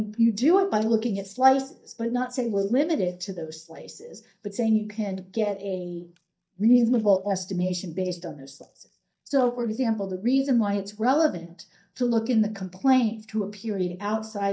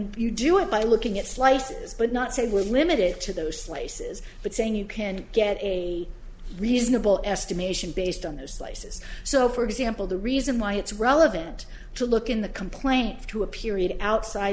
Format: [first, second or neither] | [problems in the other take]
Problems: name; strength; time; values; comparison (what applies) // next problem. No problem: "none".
second | noise reduction (neural mask model DeepFilterNet 3)